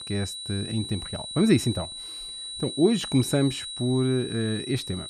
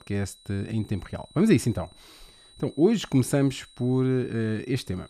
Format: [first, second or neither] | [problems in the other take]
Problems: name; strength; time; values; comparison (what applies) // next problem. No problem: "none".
second | high-pitched whine; loud; throughout; 4 kHz, 8 dB below the speech; faint in the second